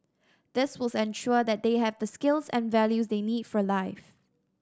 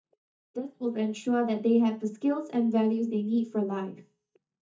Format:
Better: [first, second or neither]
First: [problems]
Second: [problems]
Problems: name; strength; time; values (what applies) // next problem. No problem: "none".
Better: first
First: none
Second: noise reduction (neural mask model DeepFilterNet 3)